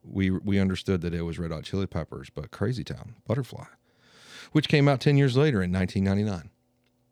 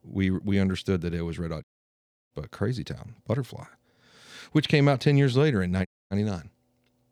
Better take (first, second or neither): first